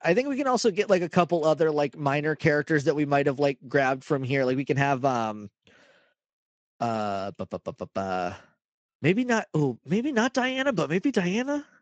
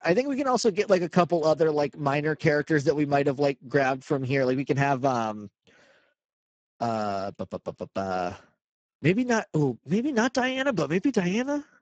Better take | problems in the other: first | garbled, watery; badly; nothing above 7.5 kHz; slightly in the first

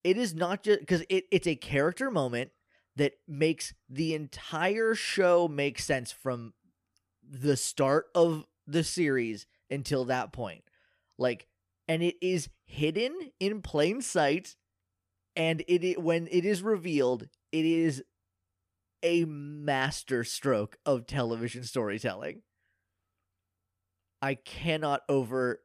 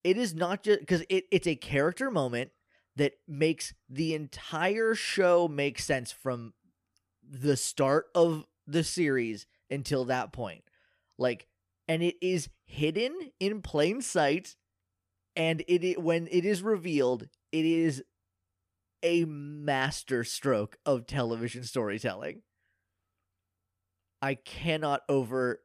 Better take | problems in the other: neither | none

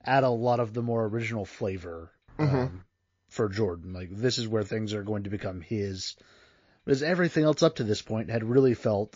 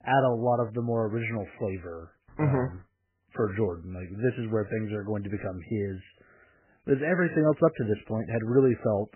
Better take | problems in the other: first | garbled, watery; badly; nothing above 3 kHz; slightly in the first

